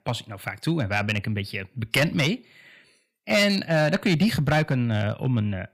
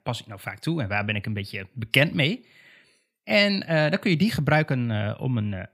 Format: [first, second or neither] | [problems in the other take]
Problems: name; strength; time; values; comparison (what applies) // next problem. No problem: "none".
second | distortion; slight; 3% of the sound clipped